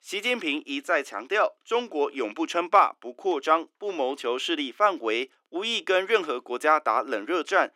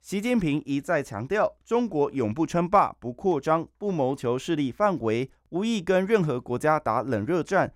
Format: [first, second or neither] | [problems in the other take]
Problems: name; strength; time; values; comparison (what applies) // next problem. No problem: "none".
second | thin; somewhat; fading below 300 Hz